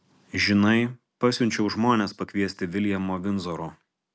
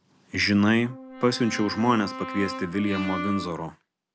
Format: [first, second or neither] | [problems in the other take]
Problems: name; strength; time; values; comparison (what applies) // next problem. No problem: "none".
first | background sound (Brass instrument); 10 dB below the speech